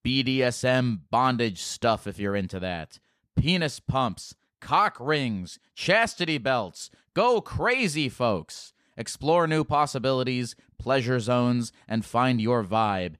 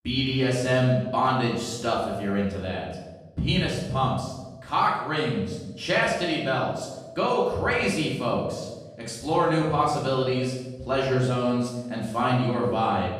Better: first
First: none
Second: room echo; noticeable; dies away in 0.9 s // off-mic speech; far

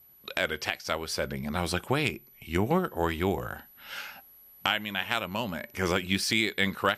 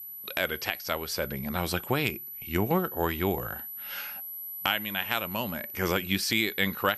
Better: first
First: high-pitched whine; faint; throughout; 12 kHz, 25 dB below the speech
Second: high-pitched whine; loud; throughout; 12 kHz, 8 dB below the speech

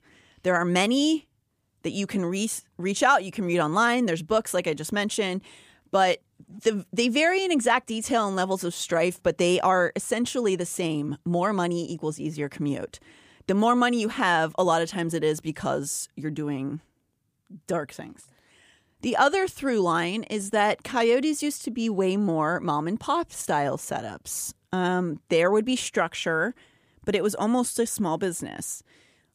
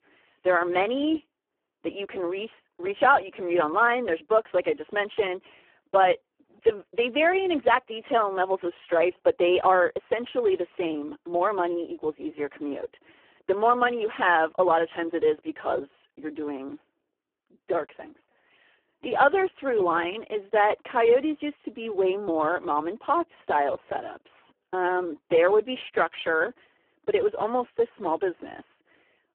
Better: first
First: none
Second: phone-call audio; poor line

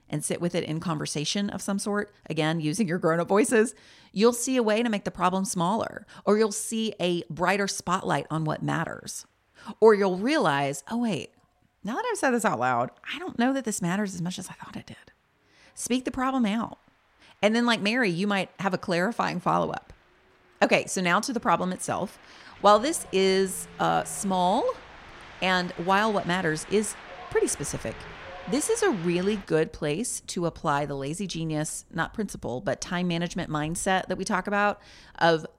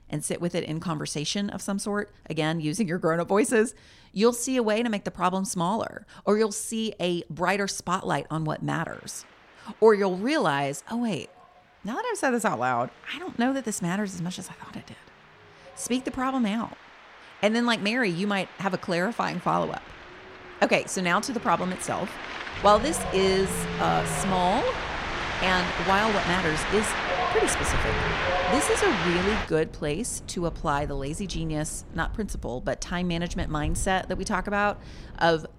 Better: first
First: wind in the background; faint; throughout; 20 dB below the speech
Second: wind in the background; loud; throughout; 4 dB below the speech

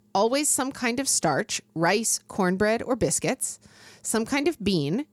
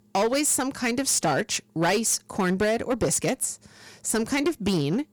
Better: first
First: none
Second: distortion; slight; 10% of the sound clipped

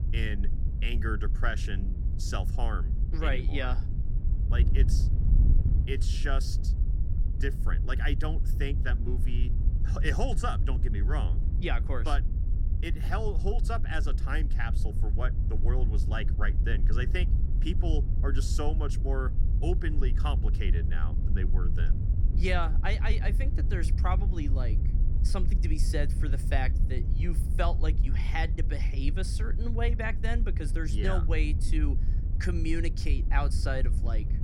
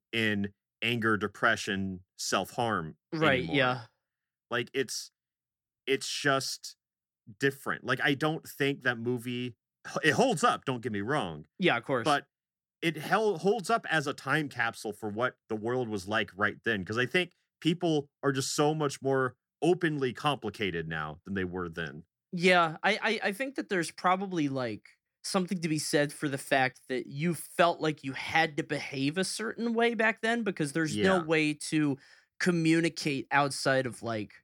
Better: second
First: wind noise on the microphone; heavy; 10 dB below the speech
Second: none

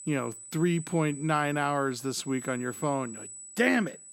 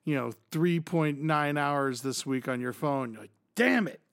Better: second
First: high-pitched whine; noticeable; throughout; 8 kHz, 15 dB below the speech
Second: none

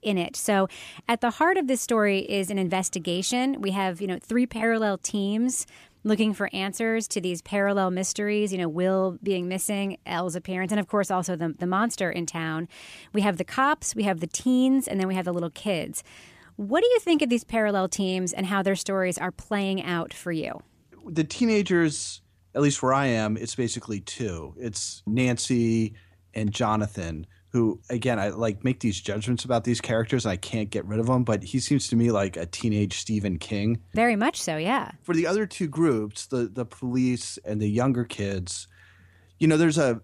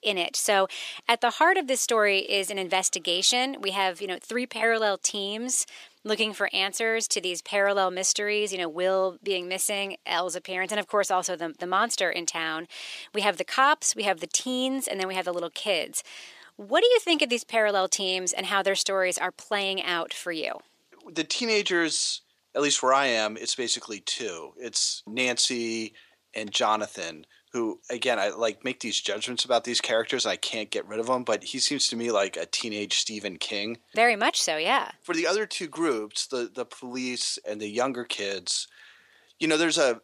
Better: first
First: none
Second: thin; somewhat; fading below 500 Hz

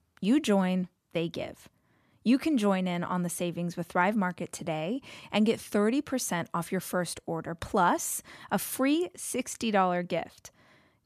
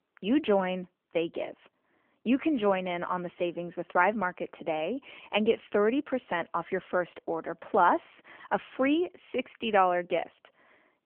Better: first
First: none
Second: phone-call audio; nothing above 3 kHz

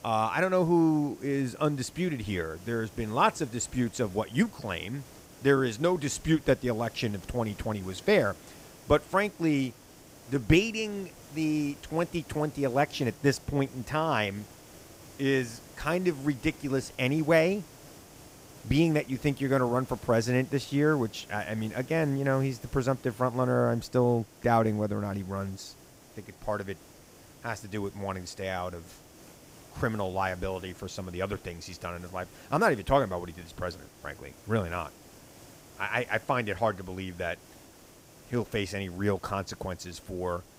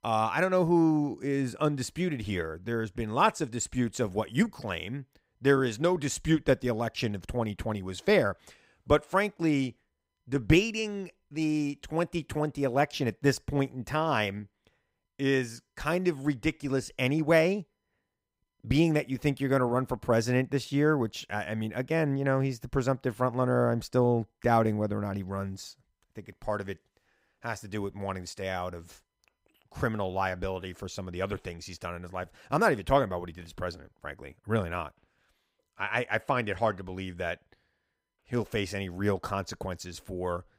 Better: second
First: hiss; faint; throughout; 20 dB below the speech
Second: none

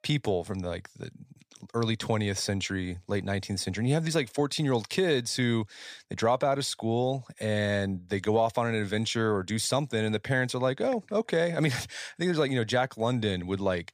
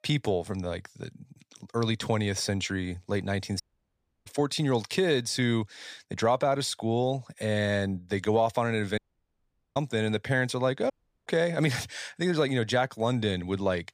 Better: first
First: none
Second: audio cutting out; at 3.5 s for 0.5 s, at 9 s for 1 s and at 11 s

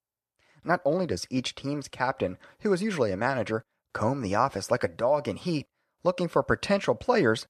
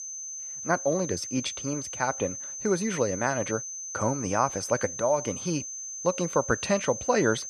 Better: first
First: none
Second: high-pitched whine; loud; throughout; 6 kHz, 6 dB below the speech

